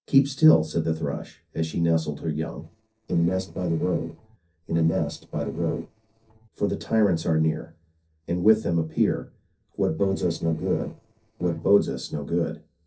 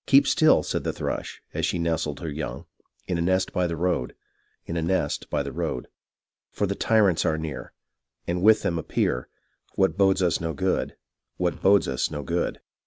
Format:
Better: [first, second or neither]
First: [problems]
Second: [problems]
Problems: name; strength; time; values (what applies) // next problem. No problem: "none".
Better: second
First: noise reduction (neural separator model SepFormer DNS4)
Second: none